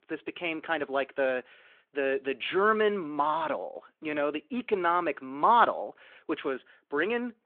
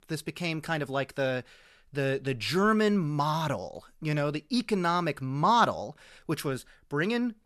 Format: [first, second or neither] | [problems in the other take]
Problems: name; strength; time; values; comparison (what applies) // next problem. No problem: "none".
second | phone-call audio